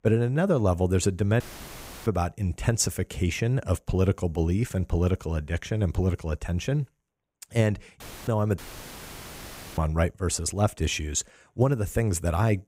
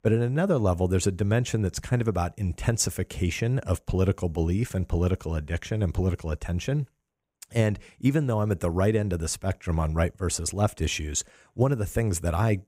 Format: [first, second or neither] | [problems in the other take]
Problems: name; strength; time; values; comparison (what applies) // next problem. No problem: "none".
second | audio cutting out; filled with static; at 1.5 s for 0.5 s, at 8 s and at 8.5 s for 1 s